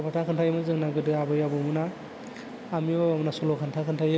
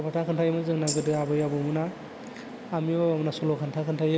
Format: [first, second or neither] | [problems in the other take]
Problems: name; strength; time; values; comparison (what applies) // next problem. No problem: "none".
first | background sound (Tambourine); 12 dB below the speech